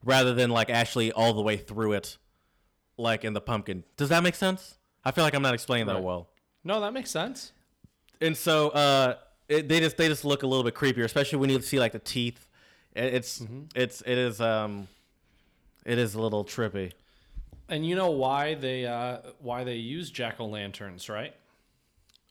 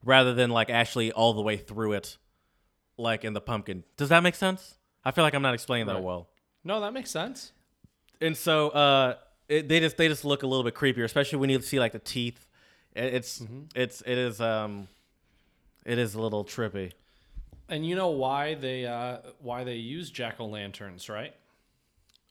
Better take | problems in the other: second | distortion; slight; 2% of the sound clipped

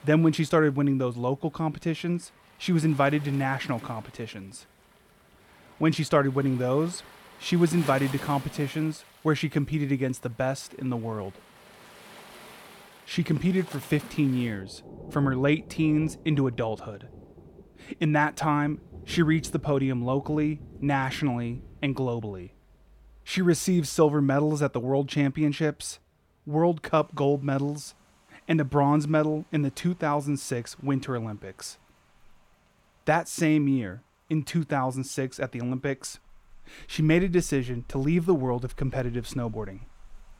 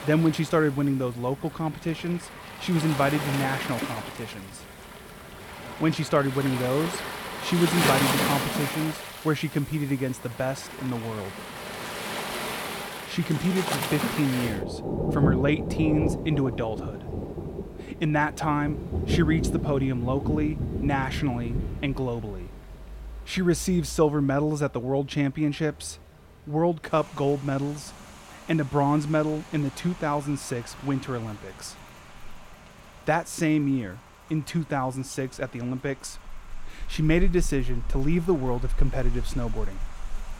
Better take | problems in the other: first | rain or running water; loud; throughout; 5 dB below the speech; faint in the first

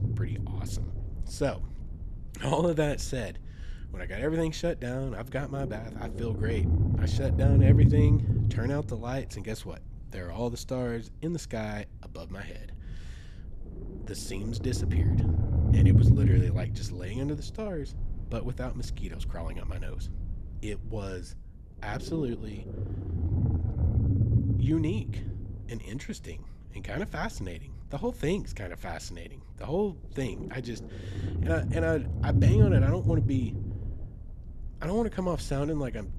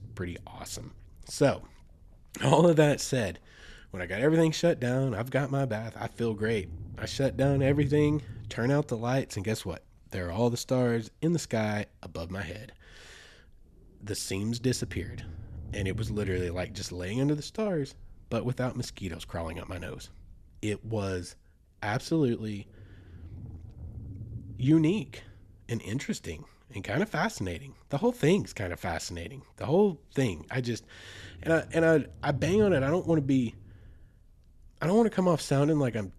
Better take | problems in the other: second | low rumble; loud; throughout; 4 dB below the speech; faint in the second

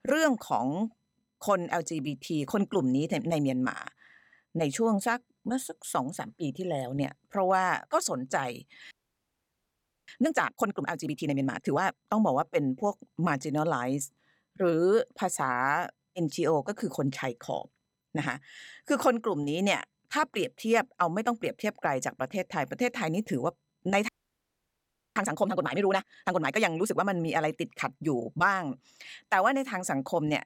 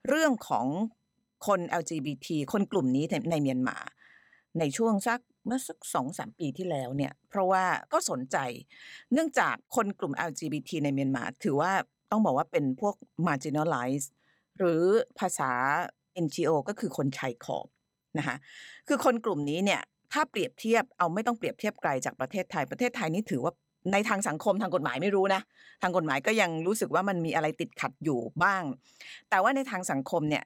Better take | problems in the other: second | audio freezing; at 9 s for 1 s and at 24 s for 1 s

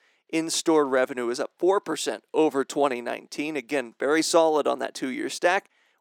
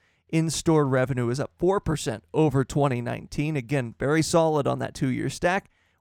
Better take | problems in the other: second | thin; somewhat; fading below 300 Hz

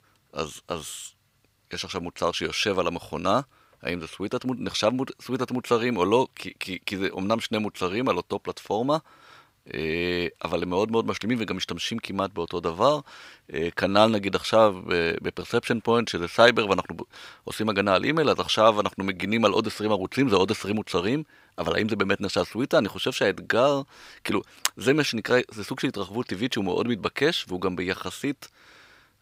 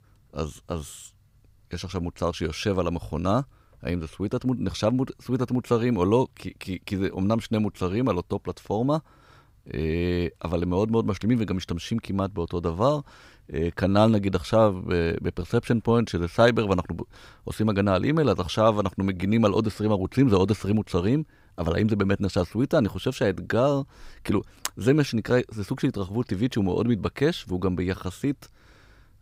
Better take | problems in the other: second | thin; very slightly; fading below 500 Hz

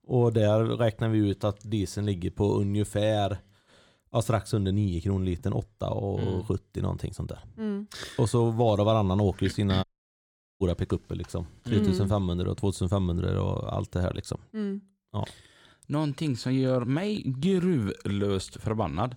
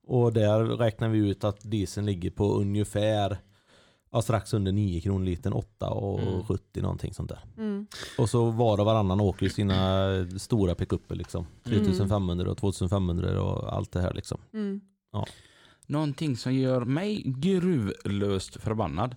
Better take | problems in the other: second | audio cutting out; at 10 s for 1 s

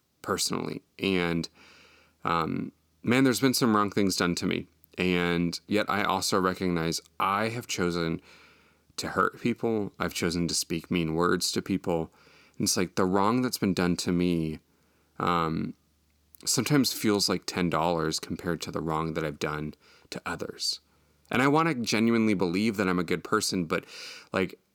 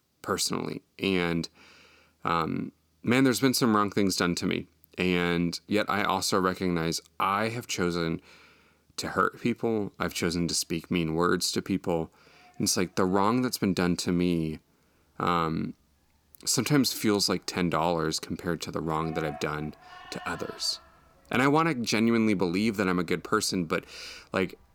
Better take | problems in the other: first | animal sounds; faint; throughout; 25 dB below the speech

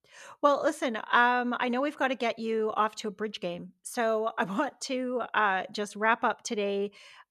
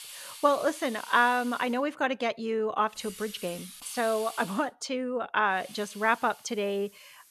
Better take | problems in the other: first | hiss; noticeable; until 2 s, from 3 to 4.5 s and from 5.5 s on; 15 dB below the speech

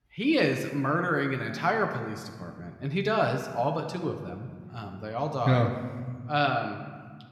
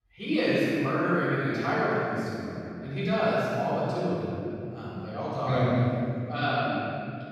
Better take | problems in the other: first | room echo; strong; dies away in 2.8 s; slight in the first // off-mic speech; far

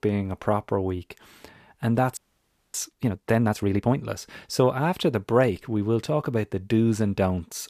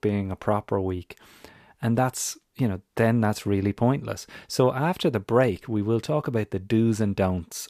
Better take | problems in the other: second | audio freezing; at 2 s for 0.5 s

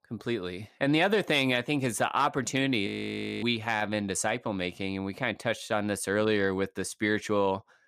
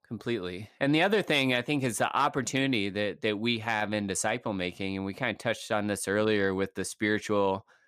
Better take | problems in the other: second | audio freezing; at 3 s for 0.5 s

